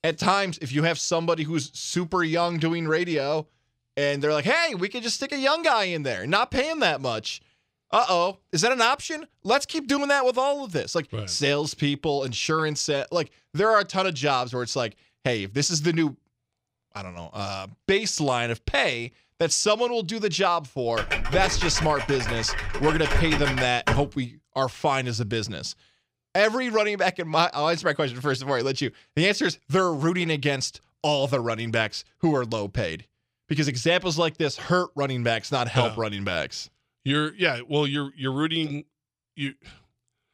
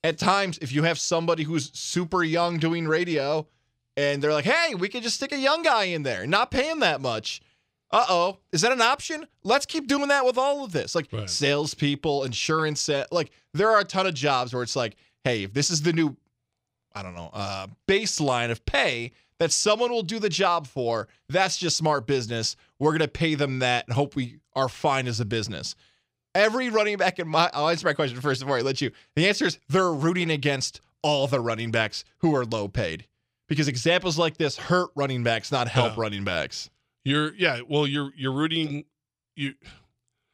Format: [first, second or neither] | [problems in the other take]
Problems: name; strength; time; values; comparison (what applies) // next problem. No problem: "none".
second | keyboard typing; noticeable; from 21 to 24 s; peak 1 dB below the speech